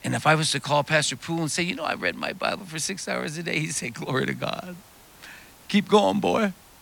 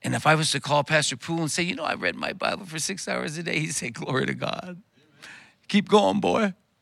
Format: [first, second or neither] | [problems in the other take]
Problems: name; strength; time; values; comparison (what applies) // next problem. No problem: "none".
second | hiss; faint; throughout; 25 dB below the speech